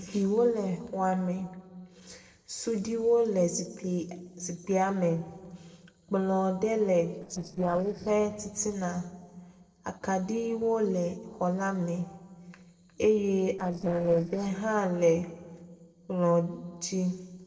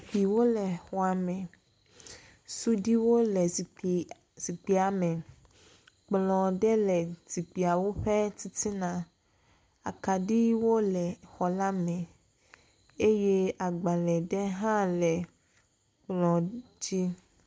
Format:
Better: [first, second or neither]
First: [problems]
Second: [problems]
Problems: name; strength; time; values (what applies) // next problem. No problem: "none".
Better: second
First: noise reduction (neural separator model SepFormer DNS4)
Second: none